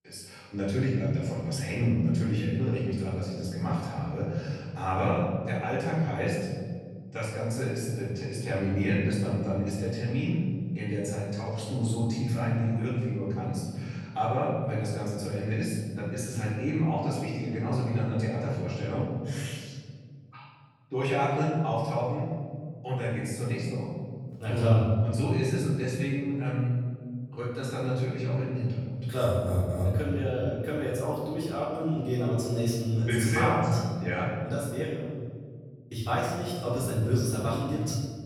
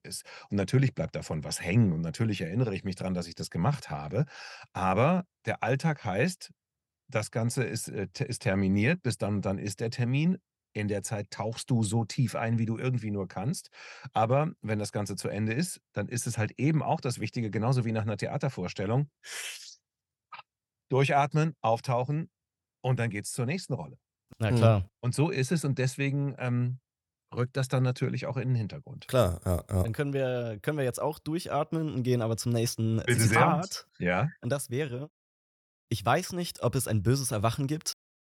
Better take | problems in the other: second | room echo; strong; dies away in 2 s // off-mic speech; far

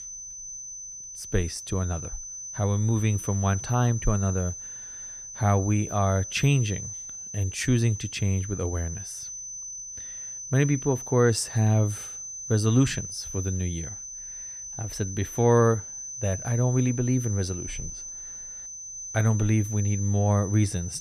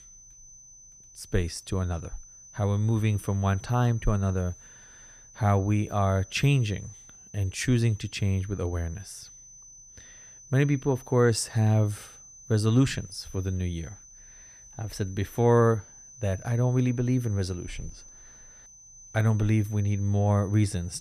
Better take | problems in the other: second | high-pitched whine; loud; throughout; 6 kHz, 10 dB below the speech; faint in the second

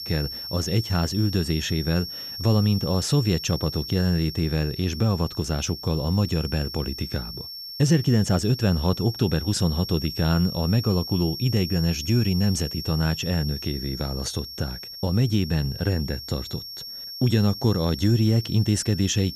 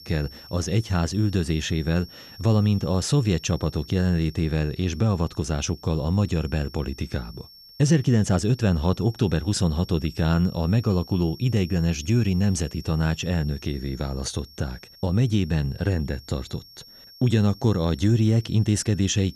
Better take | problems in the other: second | high-pitched whine; loud; throughout; 5.5 kHz, 9 dB below the speech; faint in the second

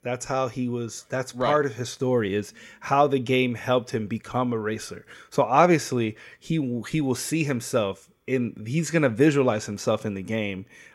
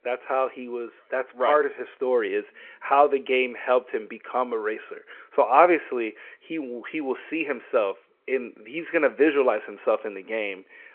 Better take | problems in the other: first | phone-call audio

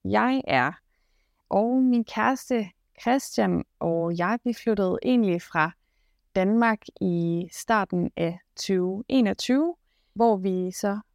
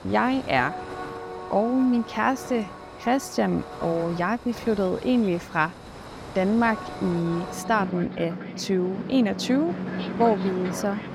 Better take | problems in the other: first | train or aircraft noise; noticeable; throughout; 10 dB below the speech

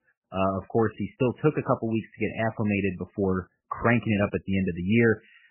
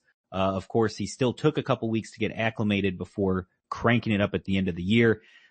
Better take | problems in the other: second | garbled, watery; badly; nothing above 3 kHz; slightly in the second

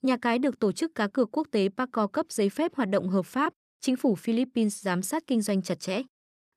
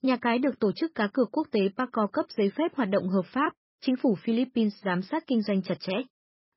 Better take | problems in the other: first | garbled, watery; badly; nothing above 5.5 kHz

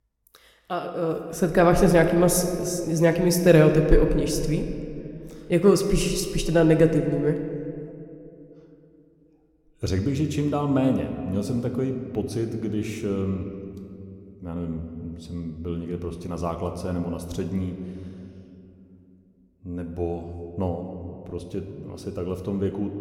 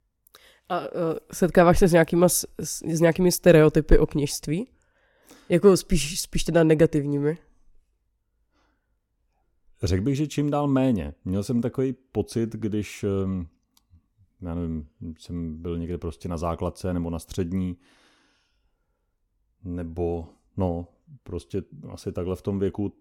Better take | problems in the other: second | room echo; slight; dies away in 2 s

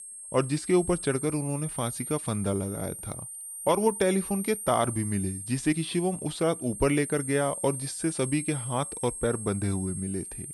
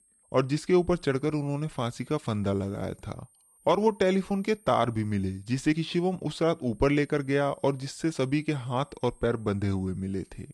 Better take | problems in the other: second | high-pitched whine; loud; throughout; 9 kHz, 7 dB below the speech; faint in the second

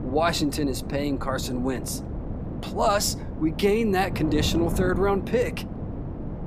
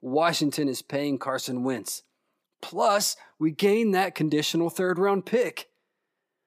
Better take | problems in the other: second | wind noise on the microphone; occasional gusts; 10 dB below the speech

